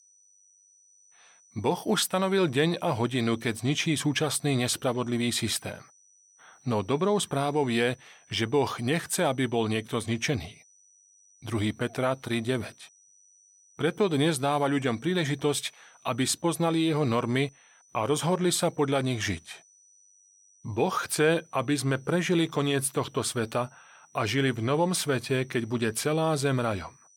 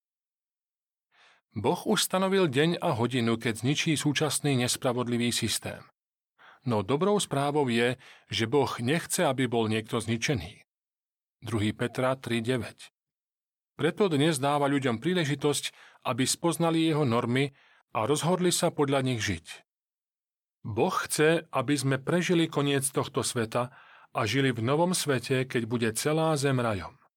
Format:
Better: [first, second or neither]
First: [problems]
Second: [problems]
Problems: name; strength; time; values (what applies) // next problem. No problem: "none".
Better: second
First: high-pitched whine; faint; throughout; 6 kHz, 30 dB below the speech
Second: none